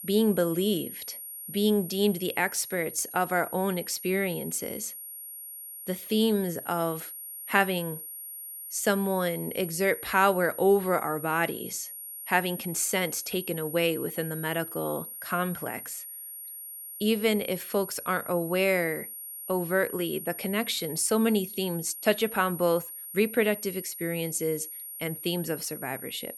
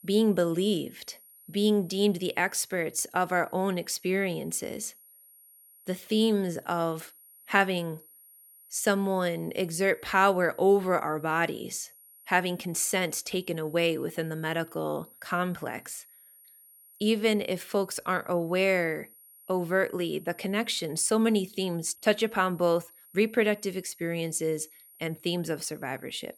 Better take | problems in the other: second | high-pitched whine; loud; throughout; 11.5 kHz, 10 dB below the speech; faint in the second

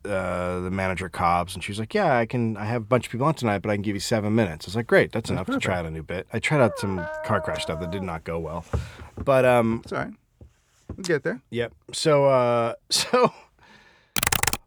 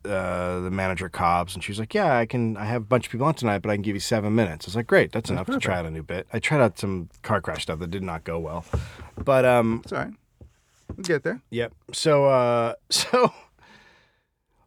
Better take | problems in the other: second | dog barking; noticeable; from 6.5 to 8 s; peak 8 dB below the speech // keyboard typing; loud; at 14 s; peak 3 dB above the speech

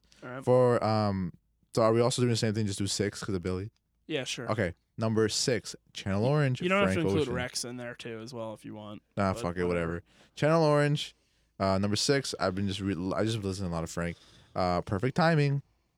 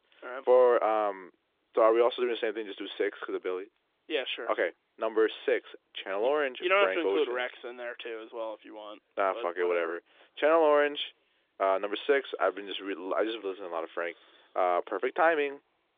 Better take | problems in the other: first | phone-call audio; nothing above 3.5 kHz

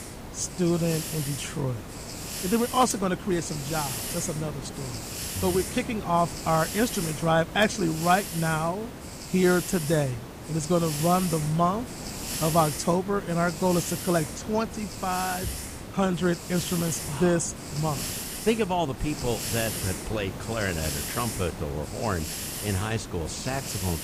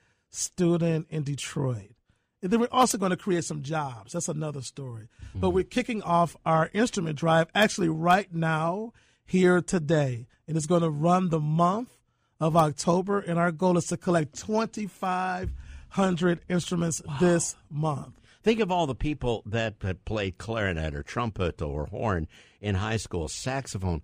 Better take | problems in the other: second | hiss; loud; throughout; 7 dB below the speech

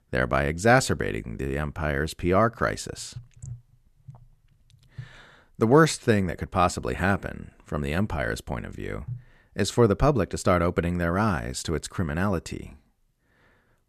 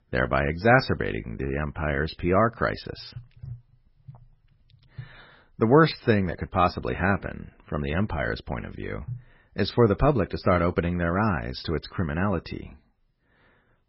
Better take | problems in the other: first | garbled, watery; badly; nothing above 5.5 kHz

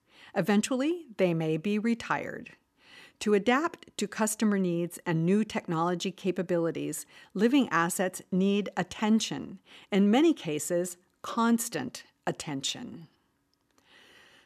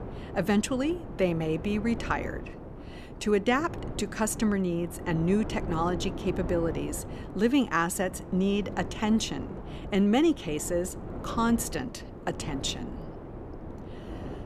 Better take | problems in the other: first | wind noise on the microphone; occasional gusts; 15 dB below the speech

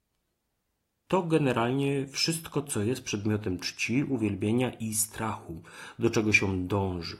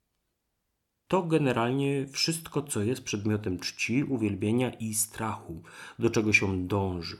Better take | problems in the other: second | garbled, watery; slightly

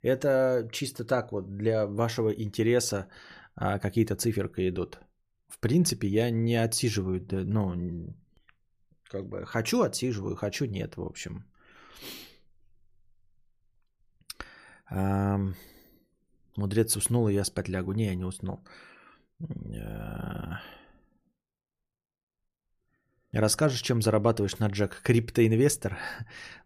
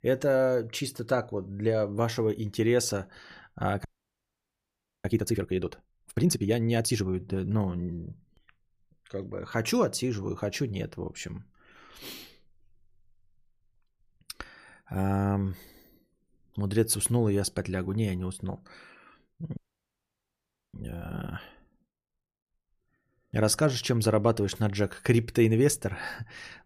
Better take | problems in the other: first | audio freezing; at 4 s for 1 s and at 20 s for 1 s

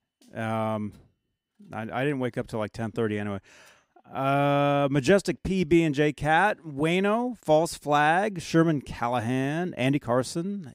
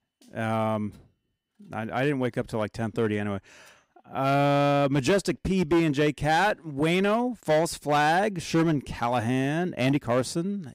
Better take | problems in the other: first | distortion; slight; 6% of the sound clipped

